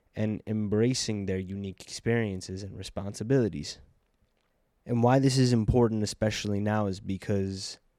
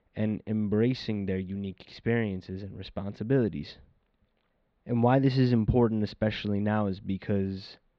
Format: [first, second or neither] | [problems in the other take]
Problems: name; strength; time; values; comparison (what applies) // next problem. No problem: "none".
first | muffled; slightly; fading above 4 kHz